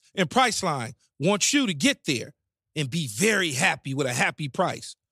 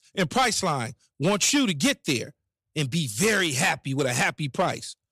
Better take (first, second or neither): first